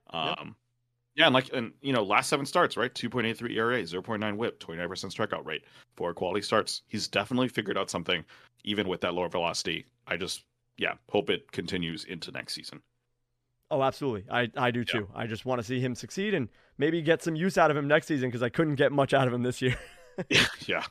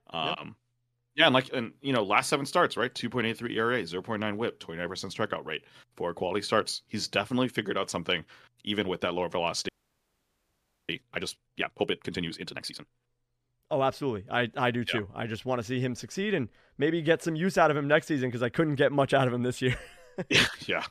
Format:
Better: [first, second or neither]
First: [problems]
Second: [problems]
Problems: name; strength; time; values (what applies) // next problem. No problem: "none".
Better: first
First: none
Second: audio freezing; at 9.5 s for 1 s